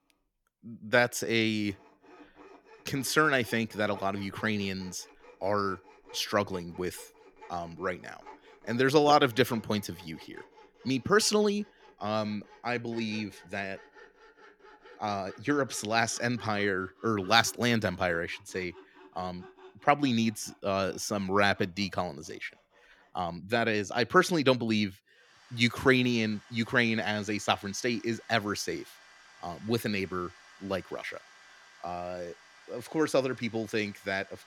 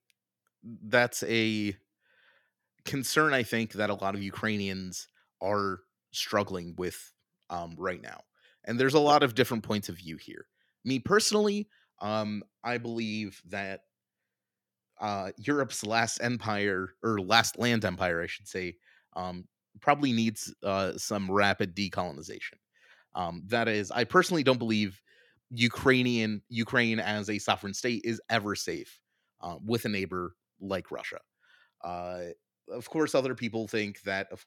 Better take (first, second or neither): second